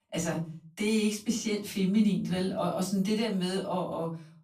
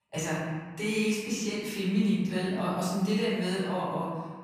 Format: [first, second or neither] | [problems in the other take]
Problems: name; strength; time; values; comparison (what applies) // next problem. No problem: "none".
first | room echo; strong; dies away in 1.5 s; slight in the first // off-mic speech; far; far in the first